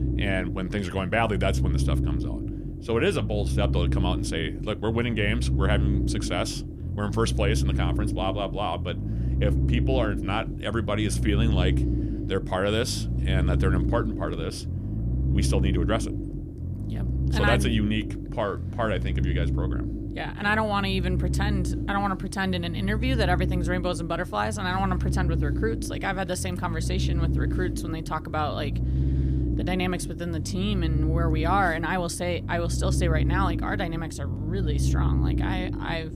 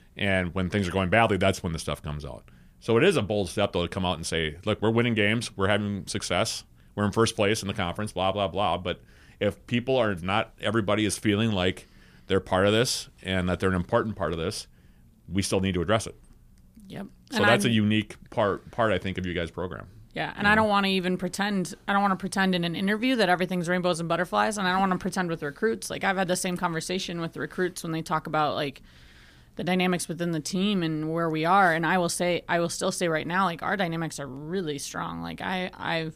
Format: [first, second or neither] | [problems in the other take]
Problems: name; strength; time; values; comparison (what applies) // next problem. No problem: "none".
second | low rumble; loud; throughout; 9 dB below the speech